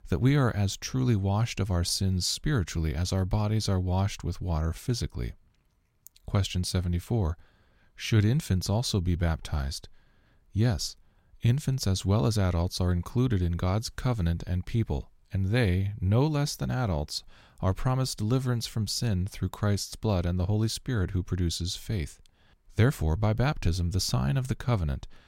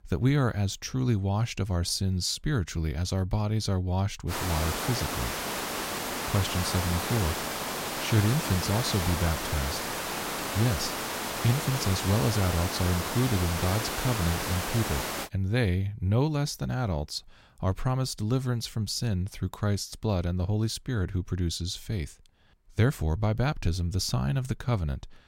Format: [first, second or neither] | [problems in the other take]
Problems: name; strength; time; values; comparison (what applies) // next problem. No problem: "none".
first | hiss; loud; from 4.5 to 15 s; 2 dB below the speech